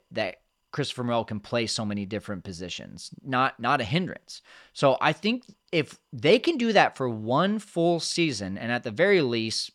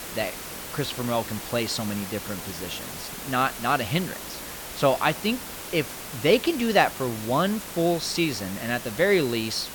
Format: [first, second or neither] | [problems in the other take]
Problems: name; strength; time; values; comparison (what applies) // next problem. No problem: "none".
first | hiss; loud; throughout; 9 dB below the speech